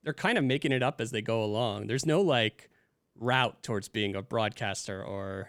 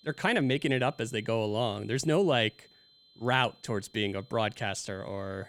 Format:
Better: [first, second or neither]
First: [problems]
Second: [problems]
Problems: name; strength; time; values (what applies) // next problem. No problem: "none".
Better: first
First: none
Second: high-pitched whine; faint; throughout; 4 kHz, 30 dB below the speech